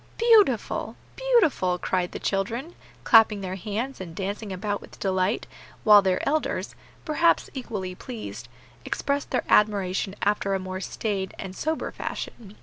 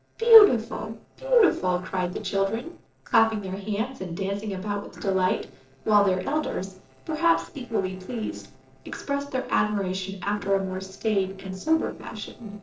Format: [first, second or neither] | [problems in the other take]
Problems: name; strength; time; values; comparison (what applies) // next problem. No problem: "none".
first | noise reduction (neural separator model SepFormer DNS4)